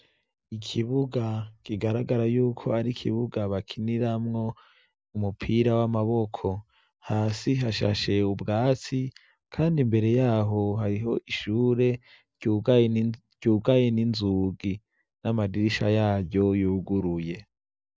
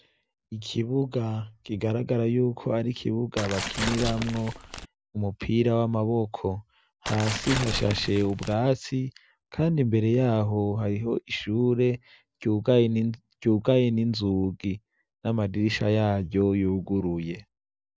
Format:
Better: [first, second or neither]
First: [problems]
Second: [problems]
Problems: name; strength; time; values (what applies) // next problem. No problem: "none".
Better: first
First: none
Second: background sound (Tearing); 7 dB below the speech